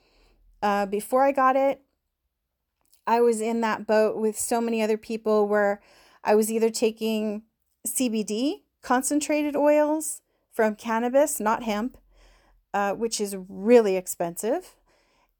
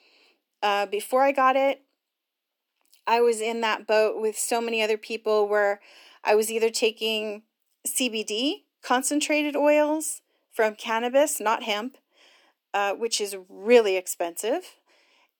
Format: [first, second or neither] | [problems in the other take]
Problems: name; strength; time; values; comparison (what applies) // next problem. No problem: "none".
first | thin; very slightly; fading below 250 Hz